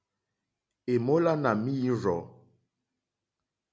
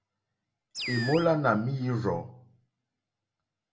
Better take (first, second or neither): first